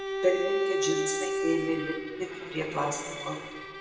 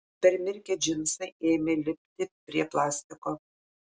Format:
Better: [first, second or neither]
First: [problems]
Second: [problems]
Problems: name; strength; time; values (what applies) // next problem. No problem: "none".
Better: second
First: background sound (Bowed string instrument); 1 dB below the speech // room echo; dies away in 1.2 s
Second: none